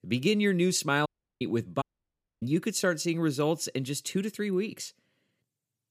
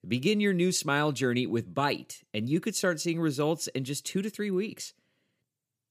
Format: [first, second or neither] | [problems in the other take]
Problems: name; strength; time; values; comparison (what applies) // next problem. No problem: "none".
second | audio cutting out; at 1 s and at 2 s for 0.5 s